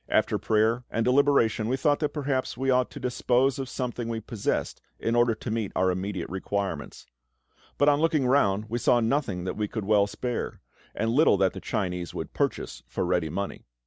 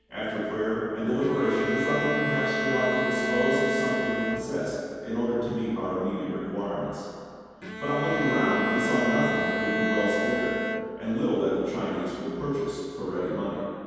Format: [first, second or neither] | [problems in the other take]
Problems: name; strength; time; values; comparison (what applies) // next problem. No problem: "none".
first | background sound (Bowed string instrument); 4 dB below the speech // room echo; dies away in 2.1 s